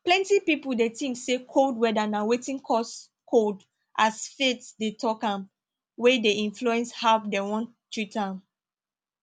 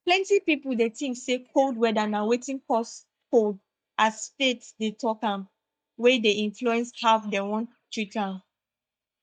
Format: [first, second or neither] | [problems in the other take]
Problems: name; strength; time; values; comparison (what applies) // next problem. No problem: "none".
first | noise reduction (neural mask model DeepFilterNet 3)